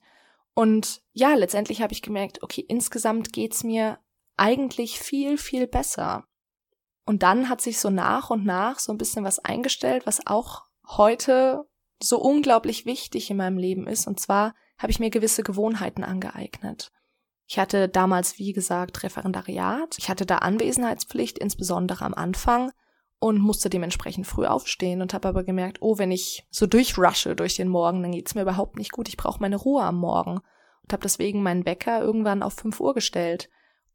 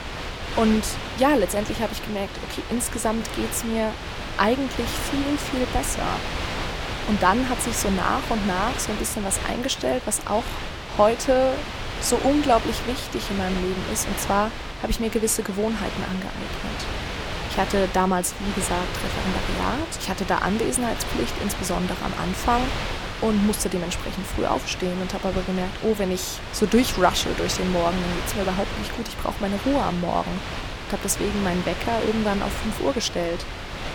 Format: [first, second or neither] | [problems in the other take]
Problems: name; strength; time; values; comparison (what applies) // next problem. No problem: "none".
first | wind noise on the microphone; heavy; 5 dB below the speech